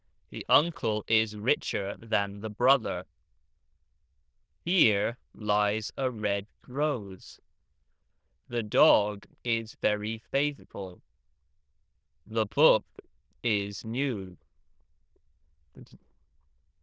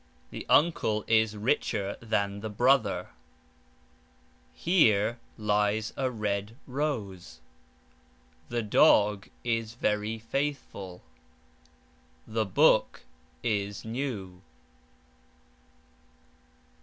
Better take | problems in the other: second | noise reduction (neural diffusion model UNIVERSE++)

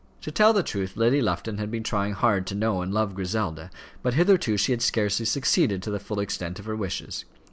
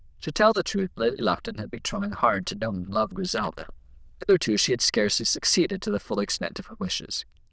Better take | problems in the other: first | noise reduction (neural diffusion model UNIVERSE++)

